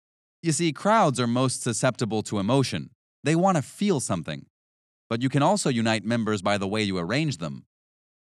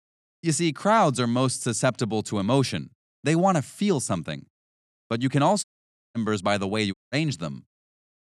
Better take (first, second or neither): first